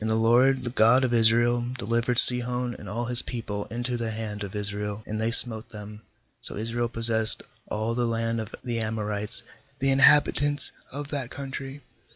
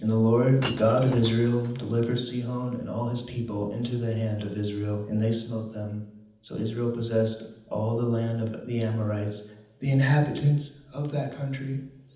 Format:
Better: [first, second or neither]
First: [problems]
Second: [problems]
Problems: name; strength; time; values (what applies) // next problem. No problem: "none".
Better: first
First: none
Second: background sound (Shatter / Crushing); 16 dB below the speech // room echo; dies away in 0.8 s